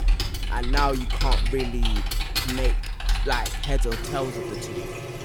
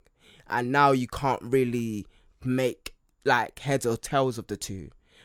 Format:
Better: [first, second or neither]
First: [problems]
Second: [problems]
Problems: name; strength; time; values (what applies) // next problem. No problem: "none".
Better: second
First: household noises; very loud; throughout; 2 dB above the speech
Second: none